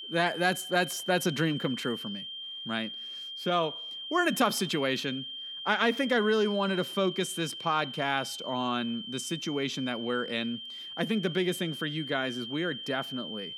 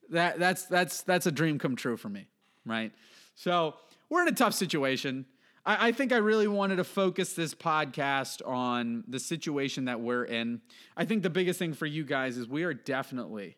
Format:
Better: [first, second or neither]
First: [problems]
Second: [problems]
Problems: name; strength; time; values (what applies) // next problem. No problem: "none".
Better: second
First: high-pitched whine; loud; throughout; 3 kHz, 8 dB below the speech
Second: none